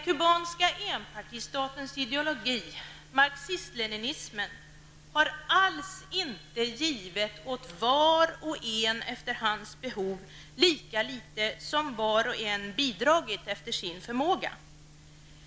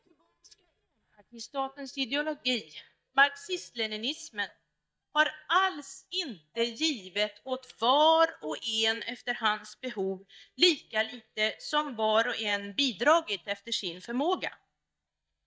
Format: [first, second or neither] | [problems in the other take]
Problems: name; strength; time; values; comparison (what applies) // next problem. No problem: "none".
first | noise reduction (neural mask model DeepFilterNet 3)